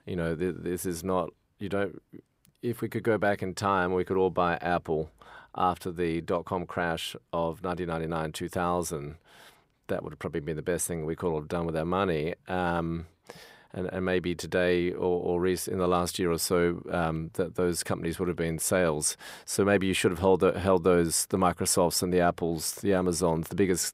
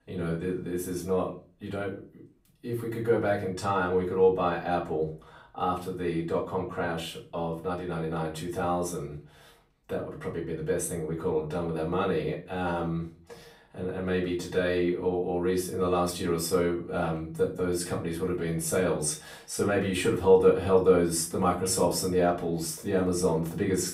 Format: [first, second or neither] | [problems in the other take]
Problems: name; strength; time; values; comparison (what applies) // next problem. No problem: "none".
first | off-mic speech; far // room echo; slight; dies away in 0.3 s